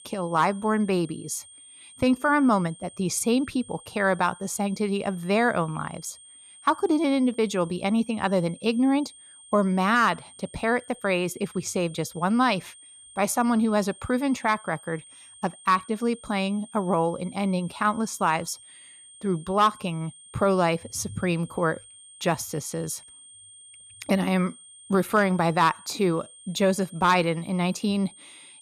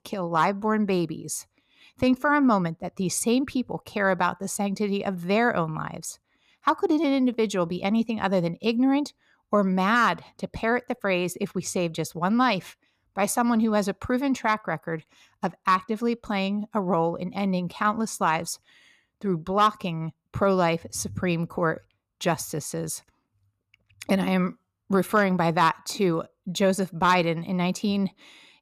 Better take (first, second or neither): second